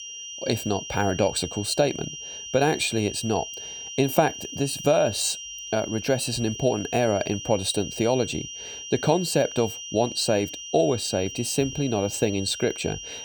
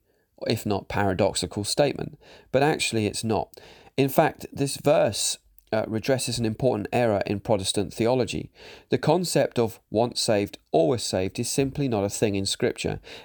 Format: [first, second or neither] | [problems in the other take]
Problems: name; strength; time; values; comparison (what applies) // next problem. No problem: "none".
second | high-pitched whine; loud; throughout; 3 kHz, 9 dB below the speech